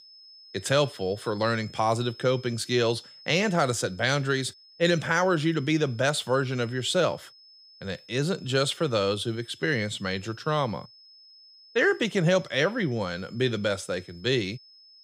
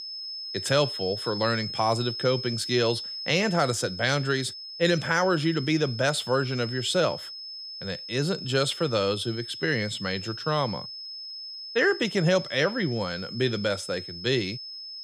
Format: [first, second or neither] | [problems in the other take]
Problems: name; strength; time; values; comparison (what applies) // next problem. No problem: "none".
first | high-pitched whine; loud; throughout; 5 kHz, 9 dB below the speech; faint in the first